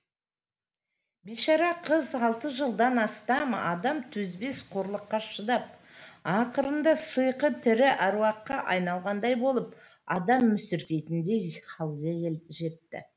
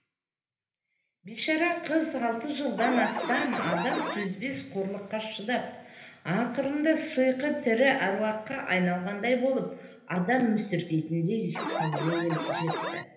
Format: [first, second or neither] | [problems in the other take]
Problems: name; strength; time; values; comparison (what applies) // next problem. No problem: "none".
first | background sound (Alarm); 3 dB below the speech // room echo; dies away in 0.8 s